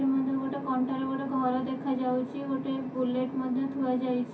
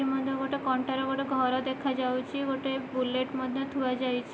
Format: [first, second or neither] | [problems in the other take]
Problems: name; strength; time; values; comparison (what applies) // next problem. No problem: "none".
second | room echo; dies away in 0.3 s